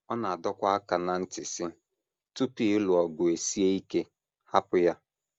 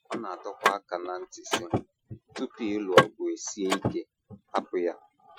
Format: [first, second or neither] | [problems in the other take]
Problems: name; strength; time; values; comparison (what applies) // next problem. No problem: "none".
first | noise reduction (classical method Wiener filter)